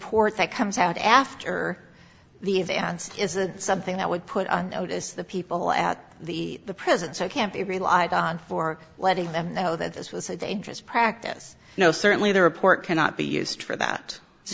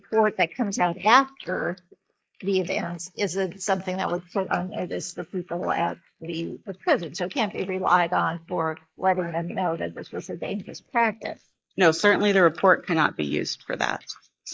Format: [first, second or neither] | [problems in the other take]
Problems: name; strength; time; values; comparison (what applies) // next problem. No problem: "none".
first | noise reduction (neural mask model Resemble Enhance denoiser)